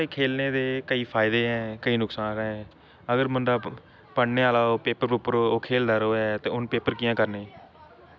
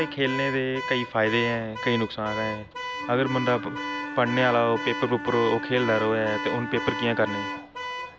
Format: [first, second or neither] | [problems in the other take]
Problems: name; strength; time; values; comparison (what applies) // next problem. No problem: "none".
first | background sound (Alarm / Car + Wind instrument, woodwind instrument); 7 dB below the speech